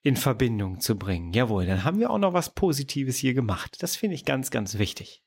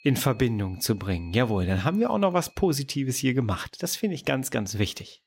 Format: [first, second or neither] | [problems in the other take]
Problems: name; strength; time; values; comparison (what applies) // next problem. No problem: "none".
first | high-pitched whine; faint; until 3 s; 2.5 kHz, 30 dB below the speech